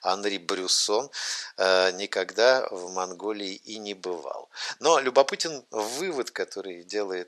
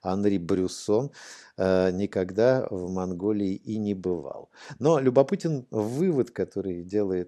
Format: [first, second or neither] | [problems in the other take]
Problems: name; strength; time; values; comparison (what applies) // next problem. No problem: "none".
second | thin; very; fading below 900 Hz